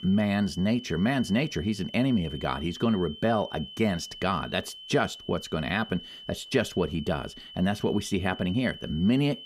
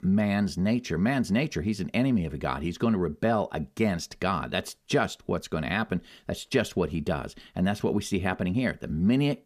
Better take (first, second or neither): second